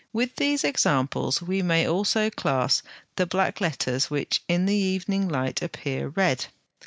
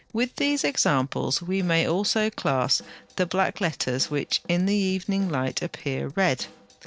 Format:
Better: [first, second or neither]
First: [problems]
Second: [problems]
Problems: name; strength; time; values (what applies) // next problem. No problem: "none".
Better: first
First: none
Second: noise reduction (neural separator model SepFormer DNS4)